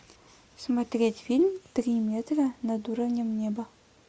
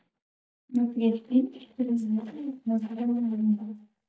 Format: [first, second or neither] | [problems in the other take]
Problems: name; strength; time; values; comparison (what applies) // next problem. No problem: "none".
first | noise reduction (neural mask model DeepFilterNet 3)